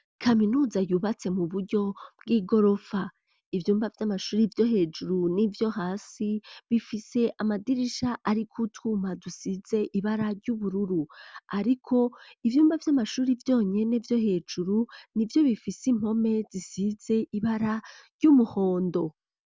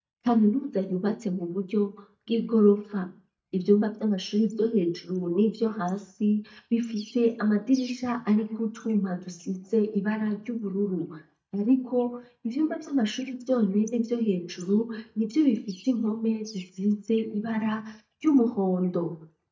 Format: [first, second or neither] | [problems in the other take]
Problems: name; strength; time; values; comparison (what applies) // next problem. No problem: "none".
first | noise reduction (neural mask model DeepFilterNet 3)